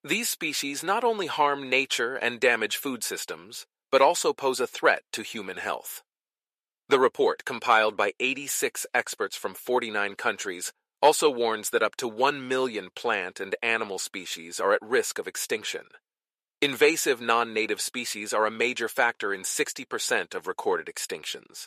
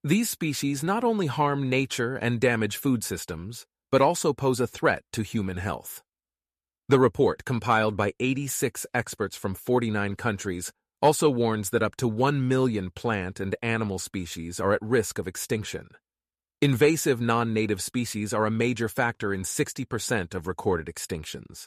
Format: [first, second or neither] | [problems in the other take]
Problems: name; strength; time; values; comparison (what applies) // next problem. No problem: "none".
second | thin; somewhat; fading below 500 Hz